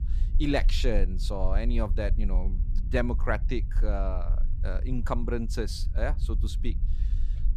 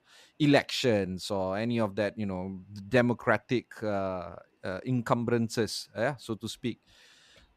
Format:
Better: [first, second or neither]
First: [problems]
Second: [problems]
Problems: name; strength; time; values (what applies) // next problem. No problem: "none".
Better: second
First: low rumble; noticeable; throughout; 15 dB below the speech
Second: none